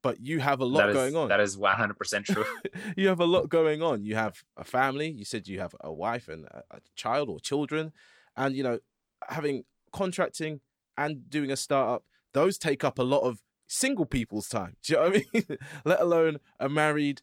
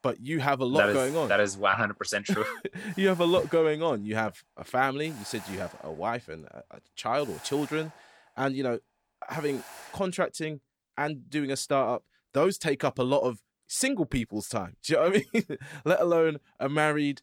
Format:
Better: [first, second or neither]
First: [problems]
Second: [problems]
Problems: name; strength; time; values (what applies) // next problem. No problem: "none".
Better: first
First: none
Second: hiss; noticeable; until 10 s; 20 dB below the speech